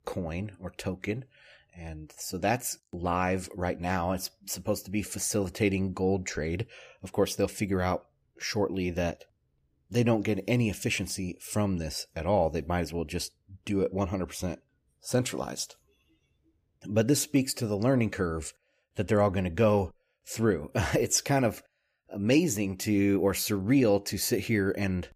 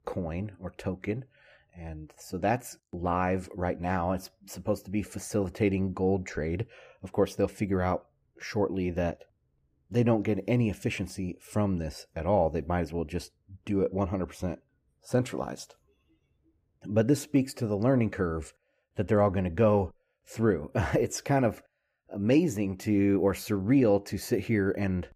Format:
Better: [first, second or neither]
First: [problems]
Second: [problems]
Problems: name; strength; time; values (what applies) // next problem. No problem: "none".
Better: first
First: none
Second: muffled; slightly; fading above 2.5 kHz